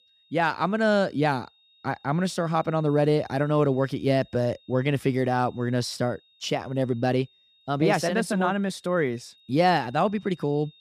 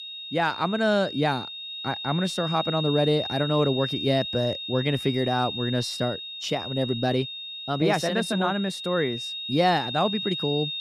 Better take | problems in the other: first | high-pitched whine; loud; throughout; 3.5 kHz, 6 dB below the speech; faint in the first

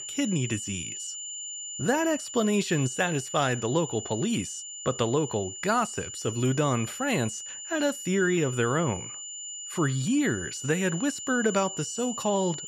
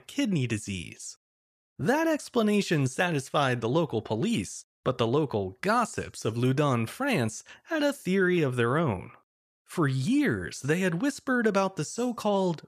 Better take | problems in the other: second | high-pitched whine; loud; throughout; 7 kHz, 8 dB below the speech

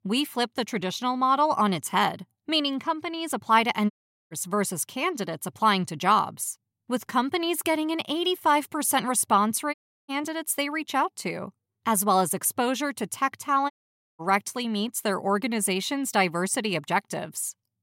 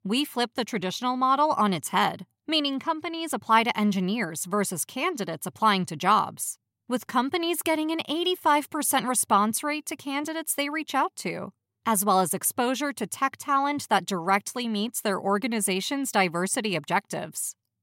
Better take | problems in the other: second | audio cutting out; at 4 s, at 9.5 s and at 14 s

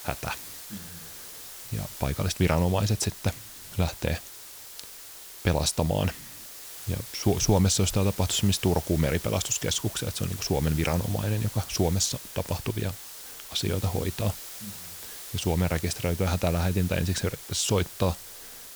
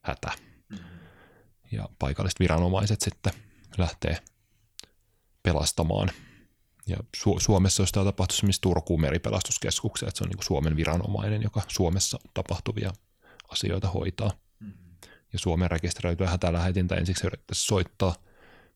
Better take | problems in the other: second | hiss; noticeable; throughout; 10 dB below the speech

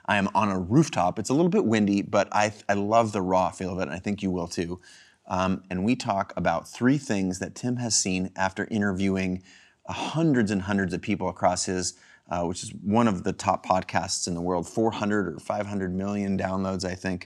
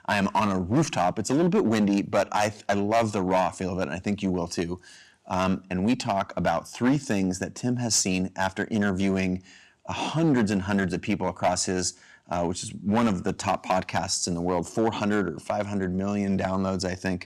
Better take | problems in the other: first | distortion; slight; 5% of the sound clipped

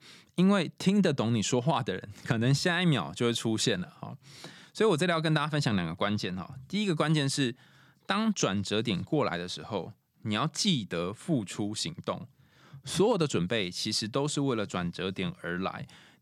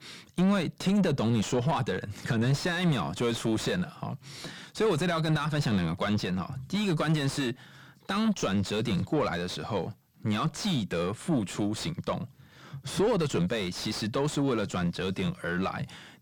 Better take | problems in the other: first | distortion; heavy; 7 dB below the speech

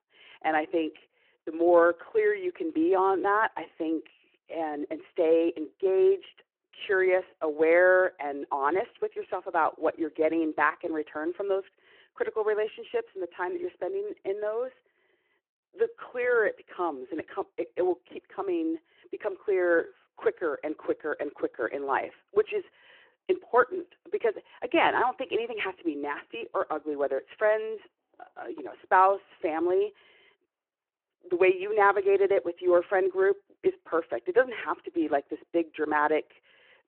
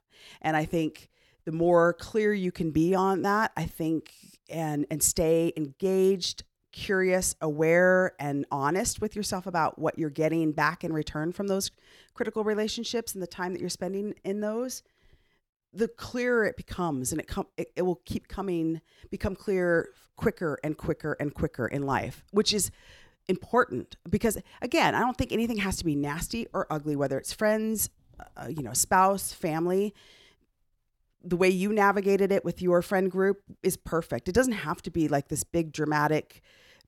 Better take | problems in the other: second | phone-call audio

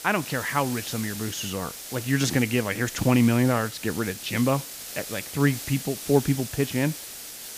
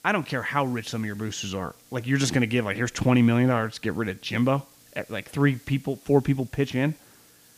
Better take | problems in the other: second | hiss; loud; throughout; 9 dB below the speech; faint in the second

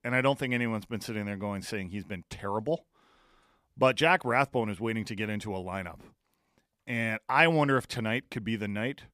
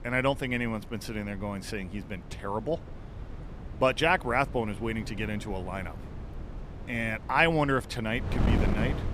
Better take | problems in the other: first | wind noise on the microphone; occasional gusts; 15 dB below the speech

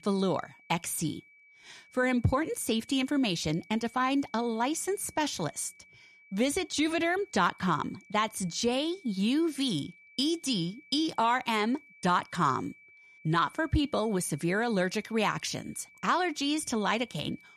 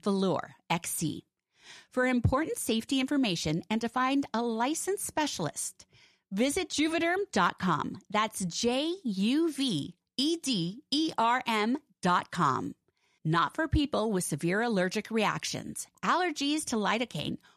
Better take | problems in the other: second | high-pitched whine; faint; throughout; 2.5 kHz, 25 dB below the speech

